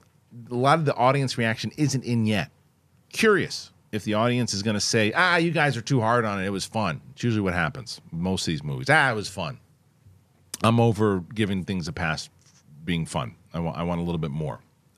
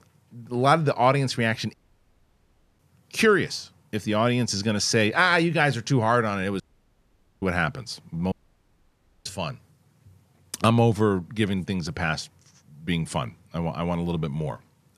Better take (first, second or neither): first